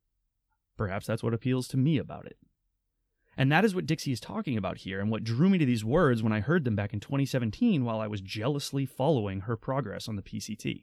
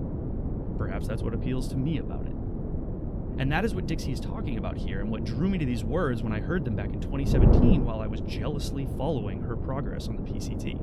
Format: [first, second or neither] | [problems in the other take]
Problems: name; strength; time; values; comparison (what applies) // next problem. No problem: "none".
first | wind noise on the microphone; heavy; 3 dB below the speech